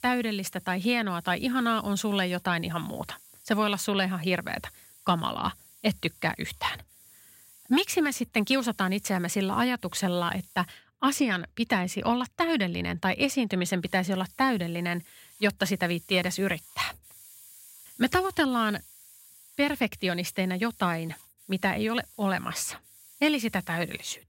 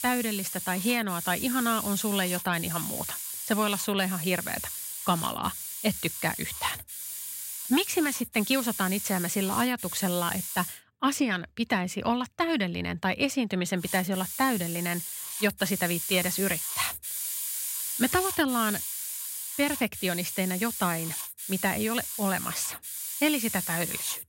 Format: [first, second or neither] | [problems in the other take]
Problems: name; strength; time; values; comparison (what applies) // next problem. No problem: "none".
first | hiss; loud; until 11 s and from 14 s on; 4 dB below the speech; faint in the first